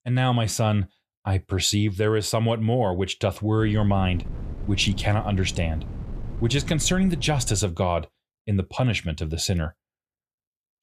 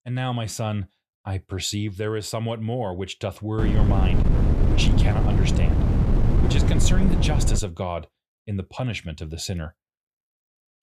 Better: first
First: wind noise on the microphone; occasional gusts; from 3.5 to 7.5 s; 20 dB below the speech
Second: wind noise on the microphone; heavy; from 3.5 to 7.5 s; 1 dB below the speech

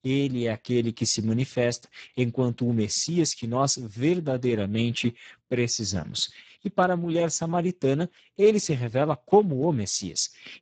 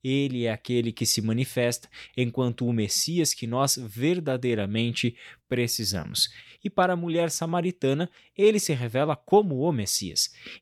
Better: second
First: garbled, watery; badly; nothing above 7.5 kHz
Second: none

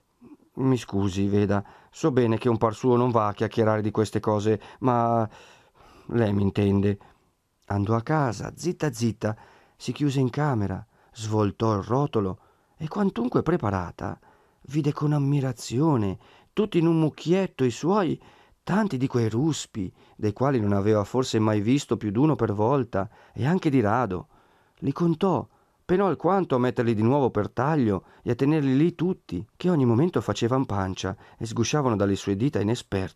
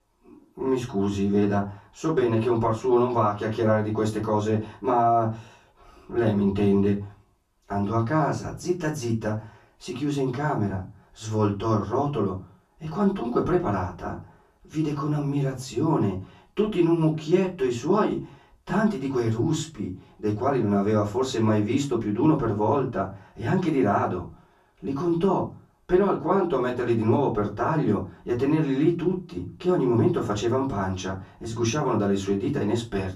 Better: first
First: none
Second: off-mic speech; far // room echo; very slight; dies away in 0.2 s

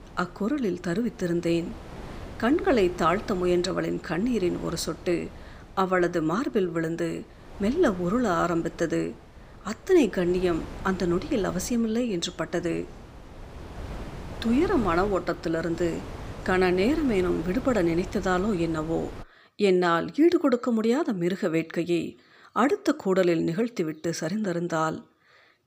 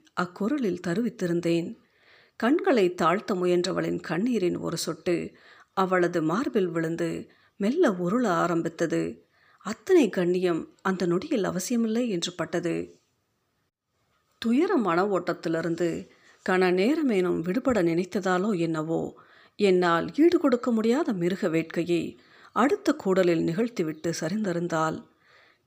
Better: second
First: wind noise on the microphone; occasional gusts; until 19 s; 15 dB below the speech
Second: none

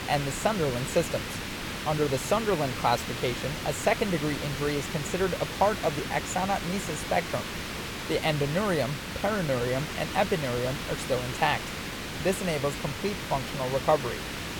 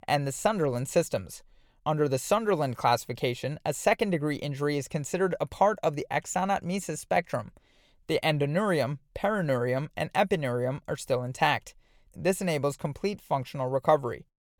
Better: second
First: hiss; loud; throughout; 5 dB below the speech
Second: none

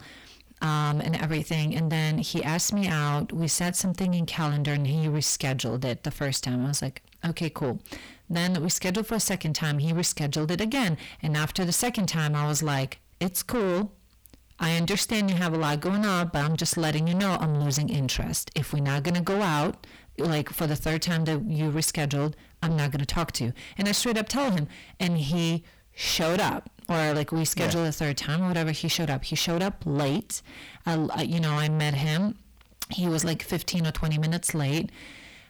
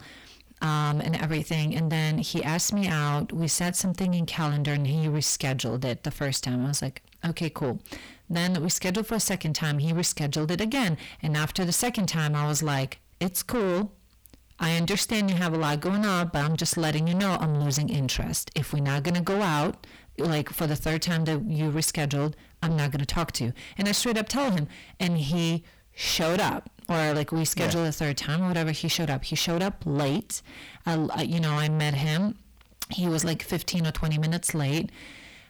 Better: neither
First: distortion; heavy; 6 dB below the speech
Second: distortion; heavy; 6 dB below the speech

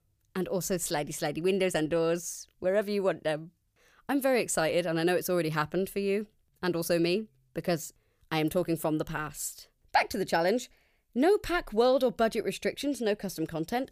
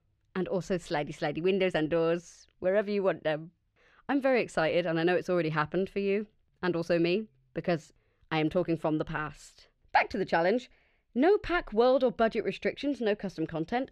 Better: first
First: none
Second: muffled; slightly; fading above 3 kHz

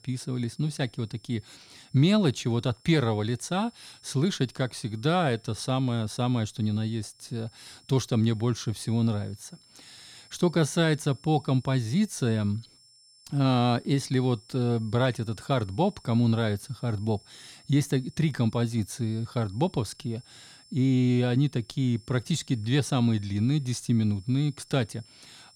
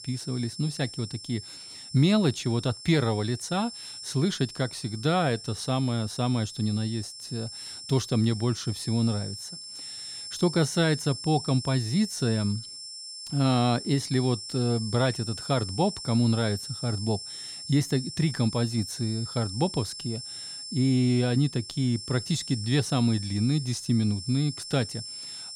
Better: first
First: high-pitched whine; faint; throughout; 5.5 kHz, 25 dB below the speech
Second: high-pitched whine; loud; throughout; 5.5 kHz, 10 dB below the speech

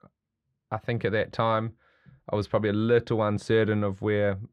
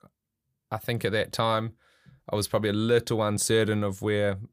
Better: second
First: muffled; slightly; fading above 2.5 kHz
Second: none

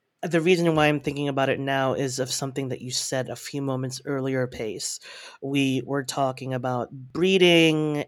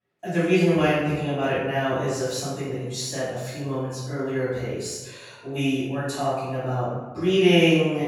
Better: first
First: none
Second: off-mic speech; far // room echo; strong; dies away in 1.1 s

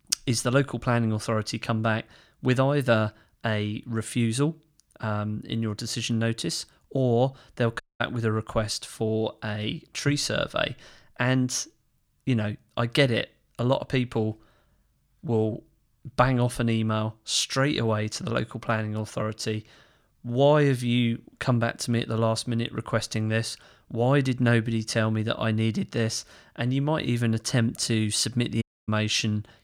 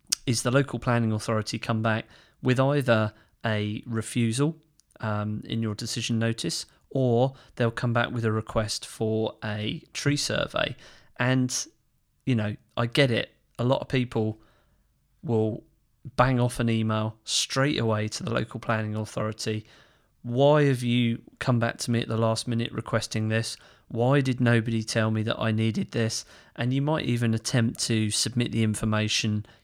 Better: second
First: audio cutting out; at 8 s and at 29 s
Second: none

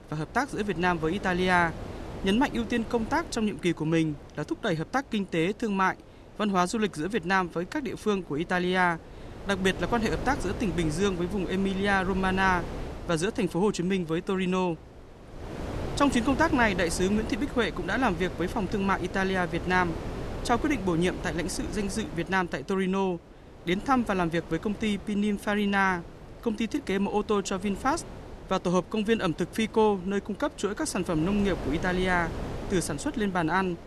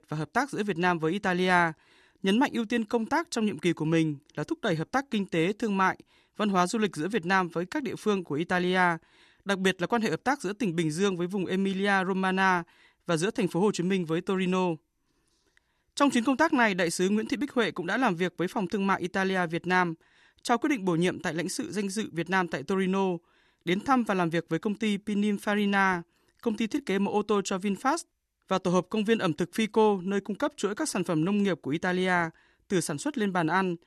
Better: second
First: wind noise on the microphone; occasional gusts; 15 dB below the speech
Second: none

